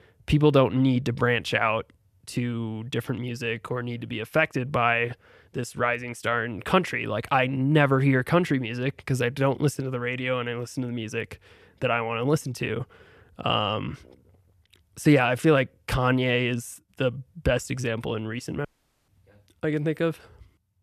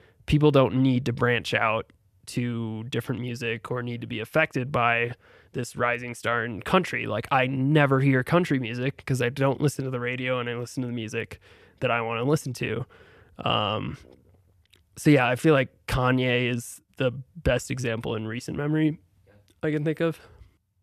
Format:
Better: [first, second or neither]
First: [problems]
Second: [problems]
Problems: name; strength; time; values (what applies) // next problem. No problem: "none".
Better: second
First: audio cutting out; at 19 s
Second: none